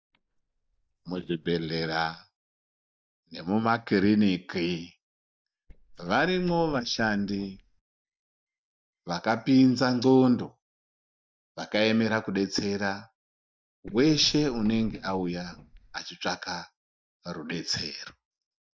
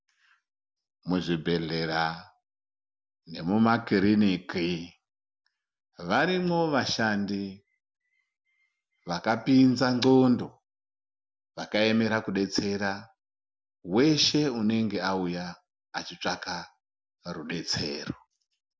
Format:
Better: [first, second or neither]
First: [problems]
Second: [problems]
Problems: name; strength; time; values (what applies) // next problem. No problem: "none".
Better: second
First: noise reduction (neural mask model DeepFilterNet 3)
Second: none